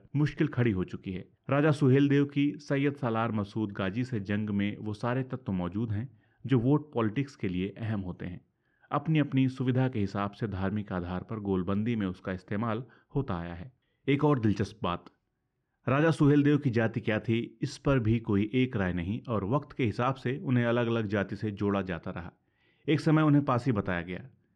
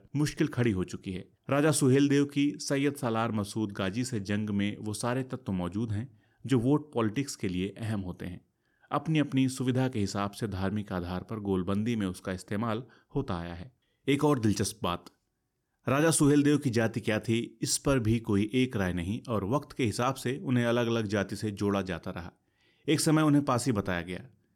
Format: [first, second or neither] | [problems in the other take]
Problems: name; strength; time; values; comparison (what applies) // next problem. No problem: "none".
second | muffled; slightly; fading above 2.5 kHz